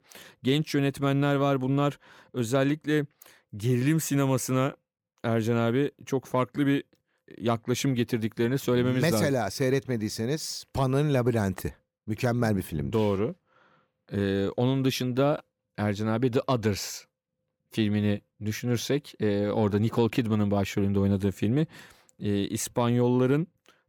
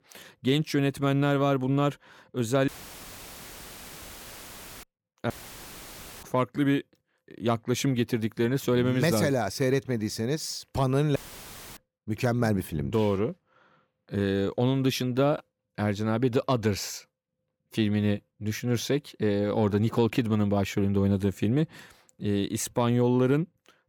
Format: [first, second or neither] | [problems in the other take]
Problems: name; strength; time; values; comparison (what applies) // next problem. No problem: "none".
first | audio cutting out; filled with static; at 2.5 s for 2 s, at 5.5 s for 1 s and at 11 s for 0.5 s